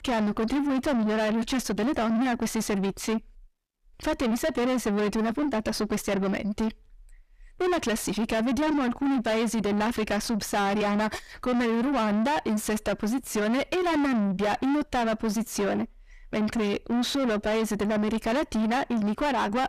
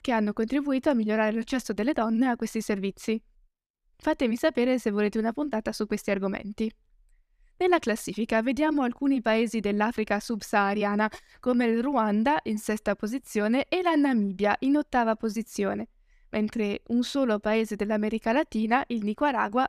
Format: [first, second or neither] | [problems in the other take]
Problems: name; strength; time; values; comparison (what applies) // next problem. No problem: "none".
second | distortion; heavy; 5 dB below the speech